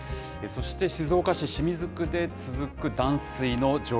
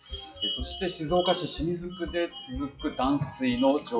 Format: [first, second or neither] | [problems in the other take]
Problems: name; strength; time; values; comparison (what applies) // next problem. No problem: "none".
first | noise reduction (classical method WPE with log-MMSE)